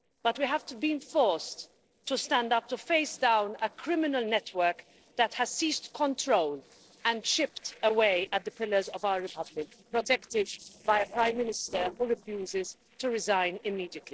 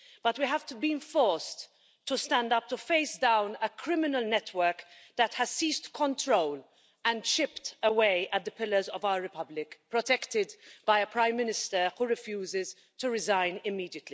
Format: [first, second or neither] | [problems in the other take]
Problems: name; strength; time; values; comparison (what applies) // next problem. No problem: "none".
second | noise reduction (neural separator model SepFormer DNS4)